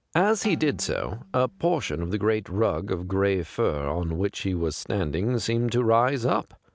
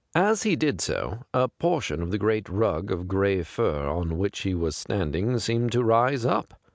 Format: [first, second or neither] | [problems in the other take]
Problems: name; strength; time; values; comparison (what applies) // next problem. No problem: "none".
second | background sound (Bowed string instrument); 19 dB below the speech